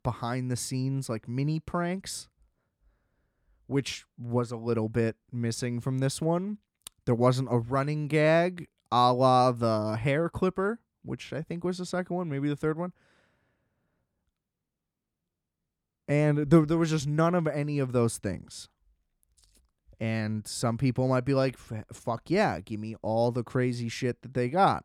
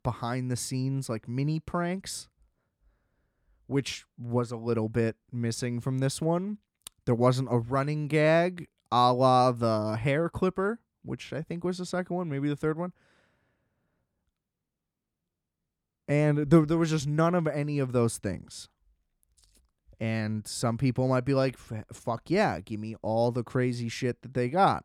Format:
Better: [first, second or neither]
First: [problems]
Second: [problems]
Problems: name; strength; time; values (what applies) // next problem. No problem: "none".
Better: neither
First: none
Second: none